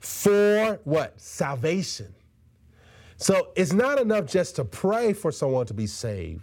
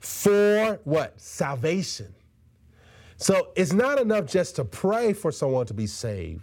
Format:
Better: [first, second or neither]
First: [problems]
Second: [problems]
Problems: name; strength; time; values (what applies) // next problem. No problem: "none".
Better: neither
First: none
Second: none